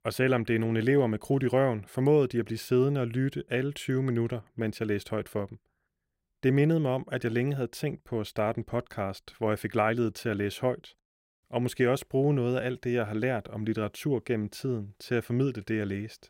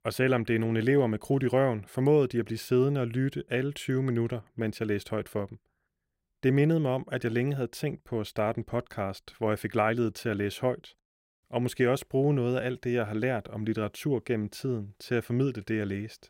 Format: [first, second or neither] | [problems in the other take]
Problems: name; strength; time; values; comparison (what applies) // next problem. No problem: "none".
neither | none